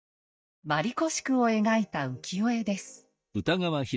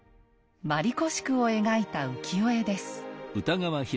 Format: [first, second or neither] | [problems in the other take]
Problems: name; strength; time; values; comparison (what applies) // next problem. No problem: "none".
second | noise reduction (neural mask model DeepFilterNet 3)